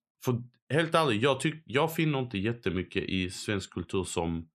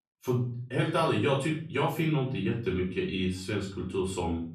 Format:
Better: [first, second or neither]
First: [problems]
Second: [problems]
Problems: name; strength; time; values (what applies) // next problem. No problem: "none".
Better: first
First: none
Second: off-mic speech; far // room echo; slight; dies away in 0.5 s